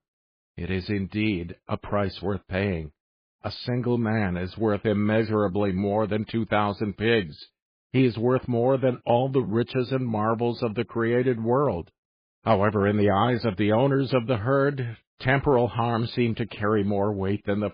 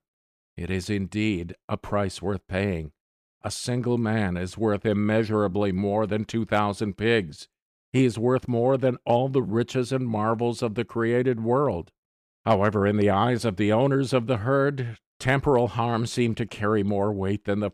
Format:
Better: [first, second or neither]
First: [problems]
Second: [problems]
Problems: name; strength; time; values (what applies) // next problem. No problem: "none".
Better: second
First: garbled, watery; badly; nothing above 4.5 kHz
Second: none